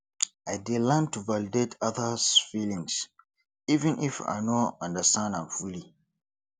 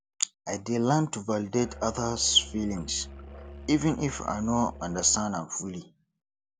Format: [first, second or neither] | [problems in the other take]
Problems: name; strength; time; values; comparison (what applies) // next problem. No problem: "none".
first | background sound (Musical instrument); 15 dB below the speech